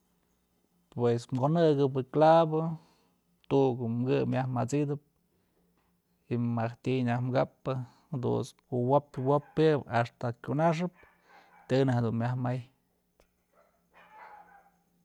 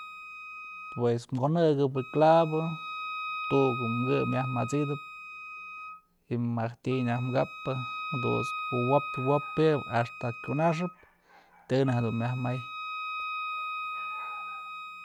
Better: first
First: none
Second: background sound (Wind instrument, woodwind instrument); 9 dB below the speech

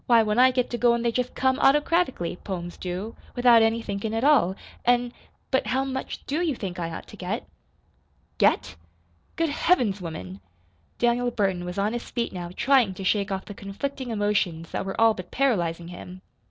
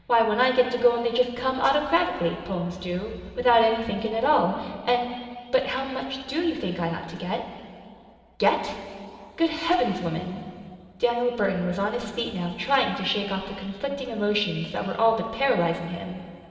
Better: first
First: none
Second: room echo; dies away in 2.4 s

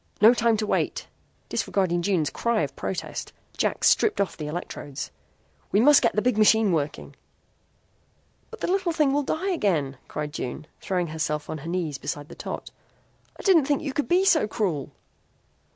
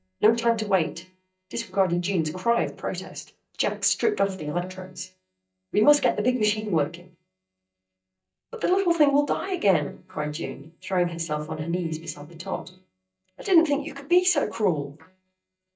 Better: first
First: none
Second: noise reduction (neural mask model DeepFilterNet 3)

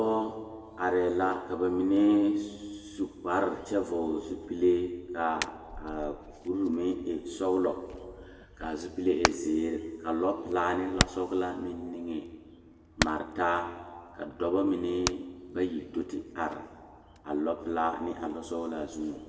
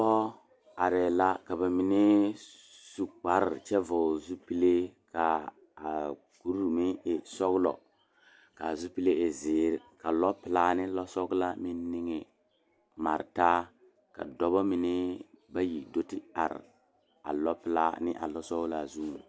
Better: second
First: background sound (Hammer); 10 dB below the speech // room echo; dies away in 1.5 s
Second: none

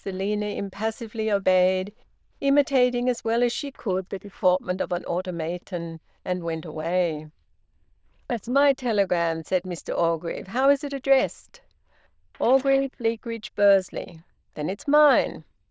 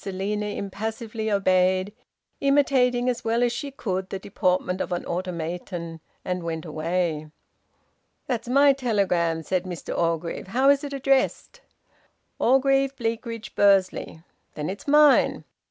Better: second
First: noise reduction (neural diffusion model UNIVERSE++)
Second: none

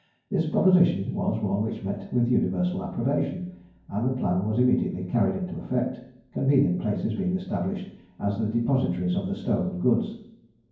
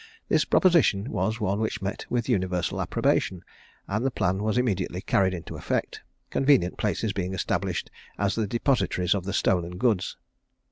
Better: second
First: room echo; dies away in 0.9 s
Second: none

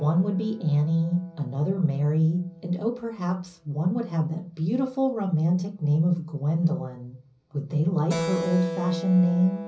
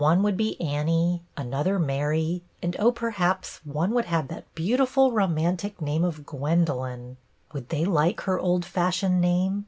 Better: second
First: background sound (Keyboard (musical)); 14 dB below the speech // room echo; dies away in 0.5 s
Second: none

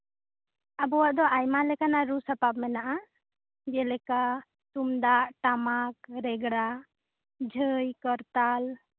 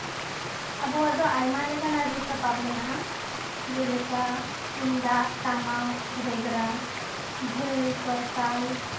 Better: first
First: none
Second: background sound (Stream); 4 dB below the speech // room echo; dies away in 0.4 s

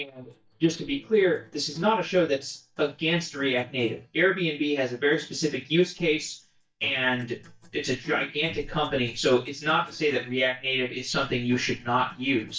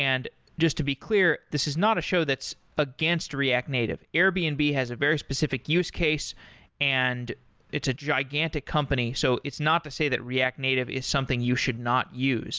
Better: second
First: noise reduction (neural mask model DeepFilterNet 3)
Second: none

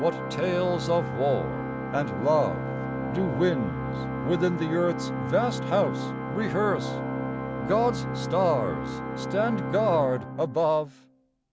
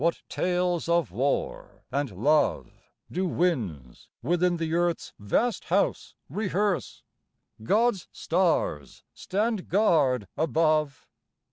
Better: second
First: background sound (Organ); 4 dB below the speech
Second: none

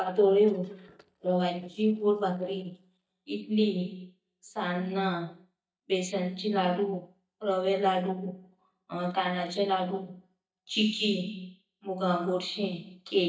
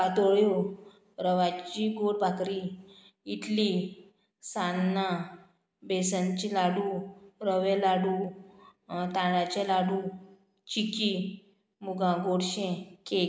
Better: second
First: noise reduction (neural mask model DeepFilterNet 3)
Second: none

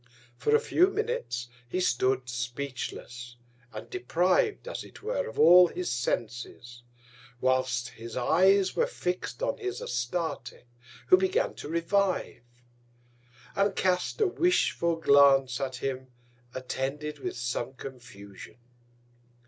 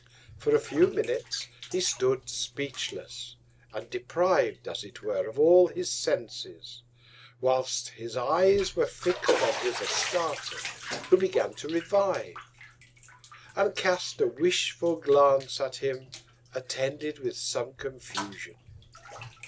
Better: first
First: none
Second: background sound (Bathtub (filling or washing)); 12 dB below the speech

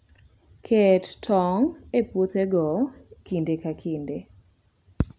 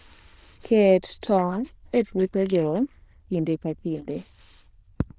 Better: first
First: none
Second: noise reduction (neural diffusion model UNIVERSE++)

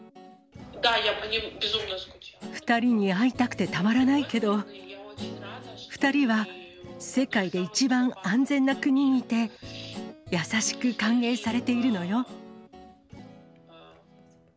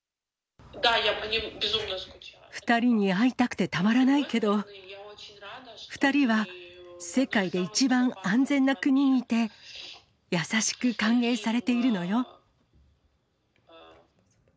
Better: second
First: background sound (Guitar); 17 dB below the speech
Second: none

